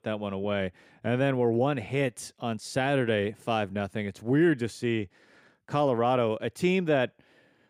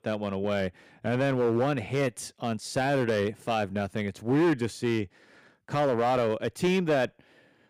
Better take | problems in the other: first | distortion; slight; 6% of the sound clipped

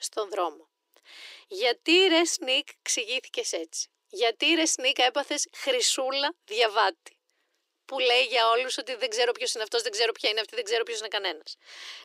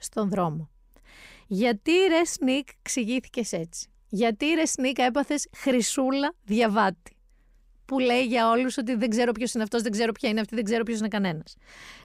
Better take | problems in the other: second | thin; very; fading below 300 Hz

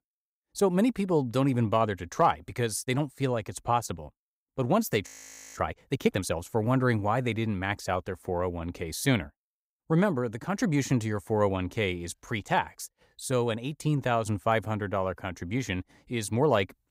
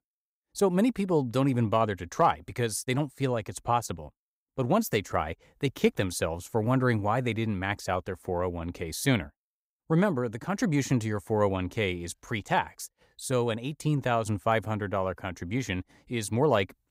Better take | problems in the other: second | audio freezing; at 5 s

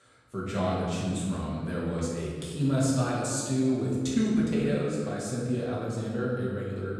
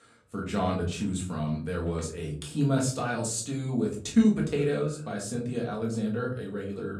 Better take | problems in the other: second | room echo; strong; dies away in 1.7 s; slight in the second // off-mic speech; far; far in the second

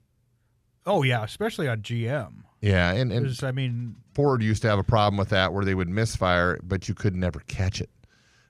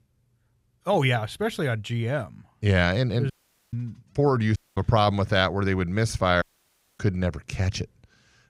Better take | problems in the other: first | audio cutting out; at 3.5 s, at 4.5 s and at 6.5 s for 0.5 s

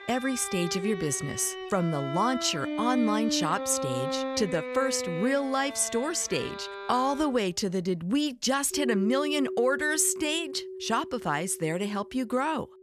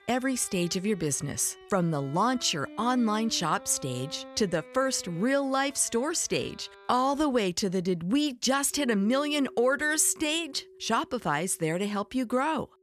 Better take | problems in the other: second | background music; loud; throughout; 7 dB below the speech; faint in the second

